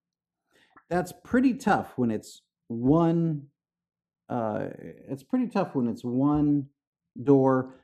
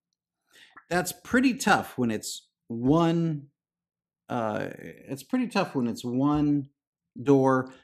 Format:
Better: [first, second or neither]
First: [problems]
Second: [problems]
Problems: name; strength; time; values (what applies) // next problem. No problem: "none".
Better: second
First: muffled; slightly; fading above 1.5 kHz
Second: none